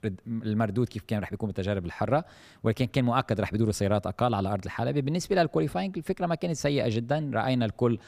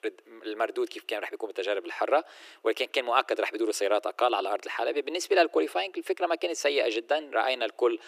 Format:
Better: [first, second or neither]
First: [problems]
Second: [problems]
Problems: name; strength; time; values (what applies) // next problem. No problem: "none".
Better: first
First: none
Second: thin; very; fading below 350 Hz